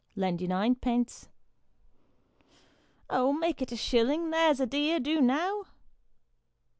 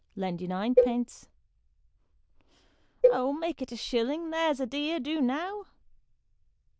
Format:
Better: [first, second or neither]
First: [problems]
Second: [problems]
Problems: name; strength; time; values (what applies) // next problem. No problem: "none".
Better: first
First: none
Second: noise reduction (neural diffusion model UNIVERSE++)